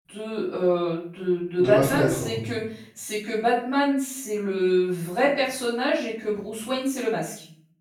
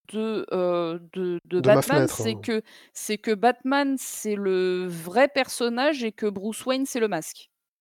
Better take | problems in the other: second | off-mic speech; far // room echo; noticeable; dies away in 0.5 s

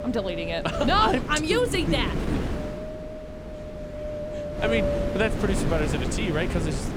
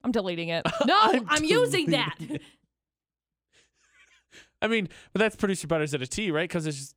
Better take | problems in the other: second | wind noise on the microphone; heavy; 7 dB below the speech

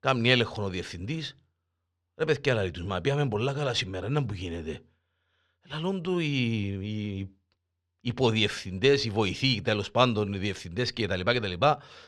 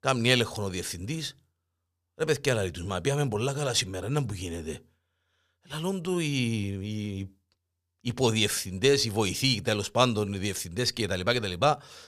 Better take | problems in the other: second | muffled; very slightly; fading above 3 kHz

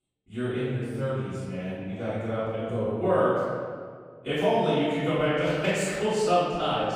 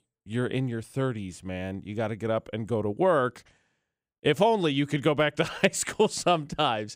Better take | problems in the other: second | room echo; strong; dies away in 1.7 s // off-mic speech; far

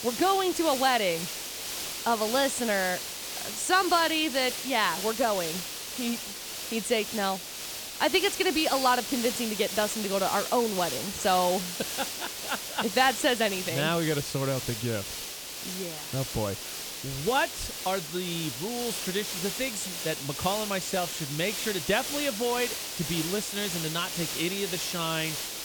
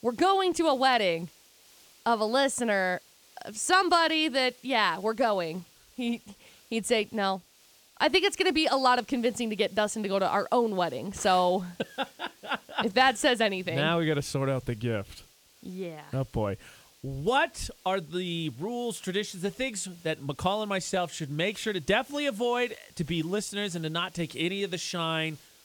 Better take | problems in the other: second | hiss; loud; throughout; 4 dB below the speech; faint in the second

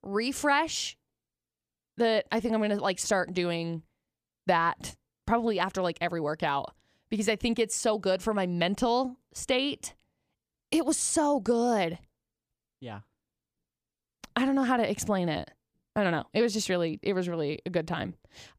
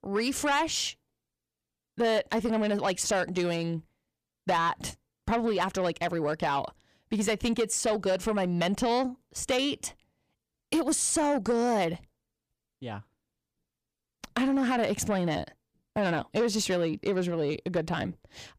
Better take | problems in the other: first | distortion; slight; 10 dB below the speech

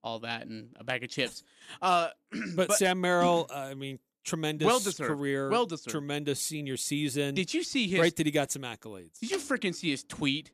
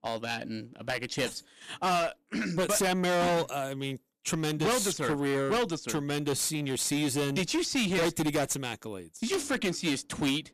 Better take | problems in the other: first | distortion; heavy; 16% of the sound clipped

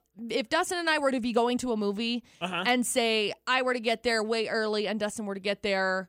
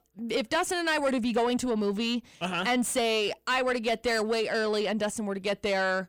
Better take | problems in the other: first | distortion; slight; 10 dB below the speech

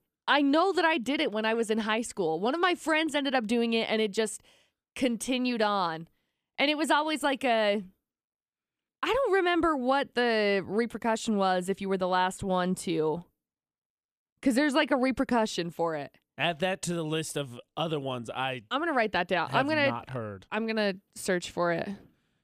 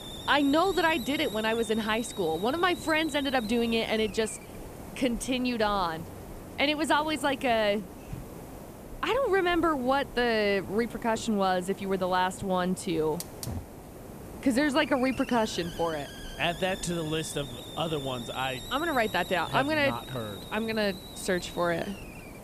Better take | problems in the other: first | hiss; noticeable; throughout; 15 dB below the speech

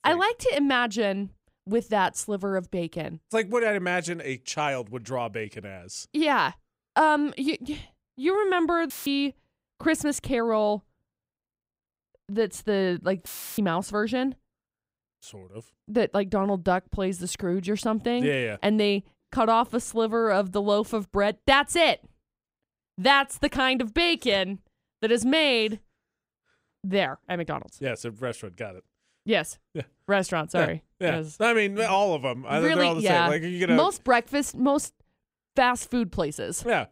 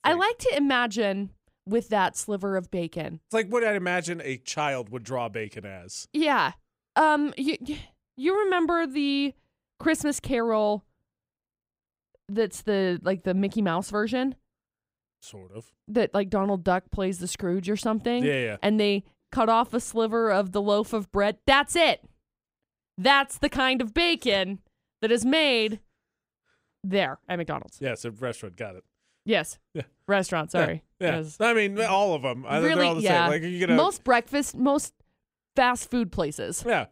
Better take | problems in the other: second | audio cutting out; filled with static; at 9 s and at 13 s

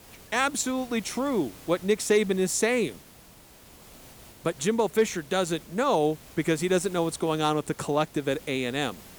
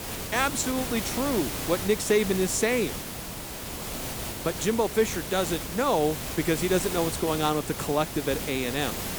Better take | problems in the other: first | hiss; loud; throughout; 6 dB below the speech; faint in the first

